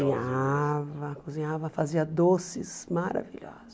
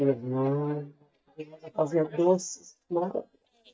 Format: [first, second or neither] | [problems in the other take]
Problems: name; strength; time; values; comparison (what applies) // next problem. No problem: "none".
first | noise reduction (neural mask model DeepFilterNet 3)